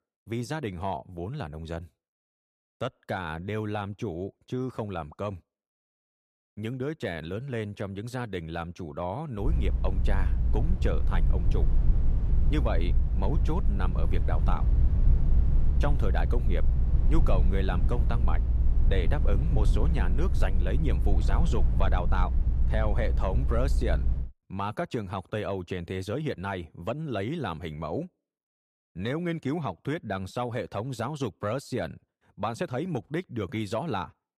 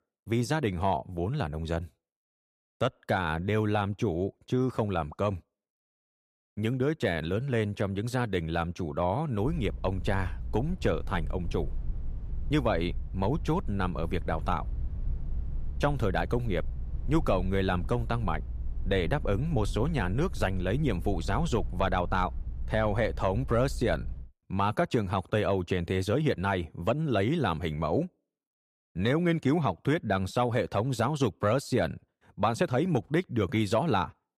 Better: second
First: low rumble; loud; from 9.5 to 24 s; 10 dB below the speech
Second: low rumble; faint; from 9.5 to 24 s; 25 dB below the speech

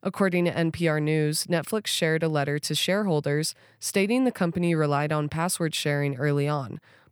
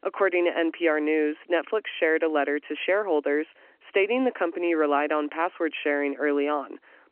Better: first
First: none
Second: phone-call audio

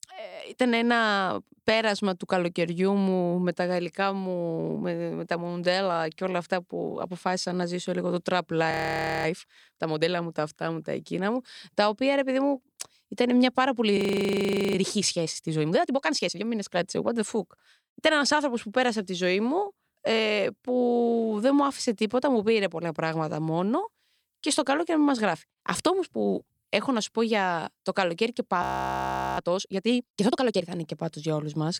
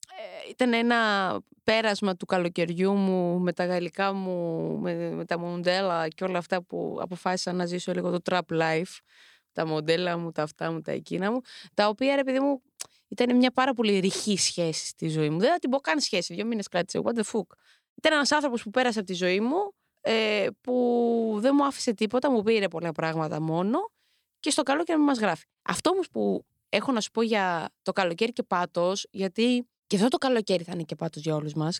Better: second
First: audio freezing; at 8.5 s for 0.5 s, at 14 s for 1 s and at 29 s for 1 s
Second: none

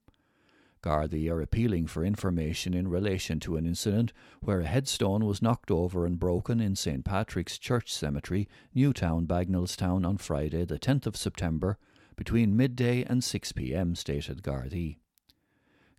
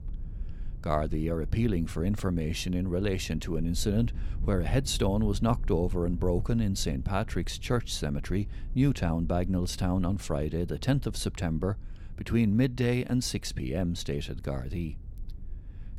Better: first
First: none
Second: low rumble; faint; throughout; 25 dB below the speech

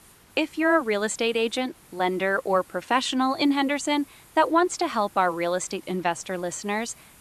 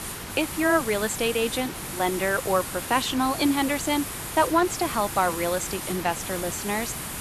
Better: first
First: hiss; faint; throughout; 25 dB below the speech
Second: hiss; loud; throughout; 6 dB below the speech

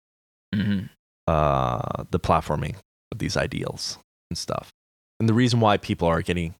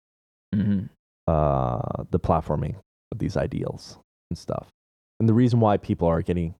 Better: first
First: none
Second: muffled; slightly; fading above 1 kHz

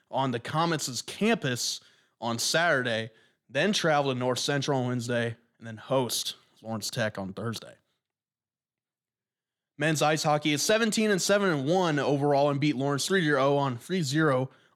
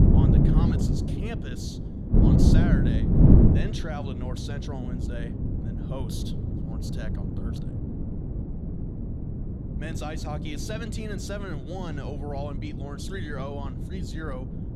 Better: first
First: none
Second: wind noise on the microphone; heavy; 3 dB above the speech

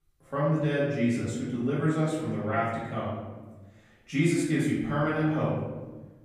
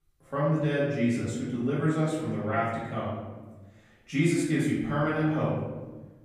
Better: neither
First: room echo; noticeable; dies away in 1.2 s // off-mic speech; far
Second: room echo; noticeable; dies away in 1.2 s // off-mic speech; far

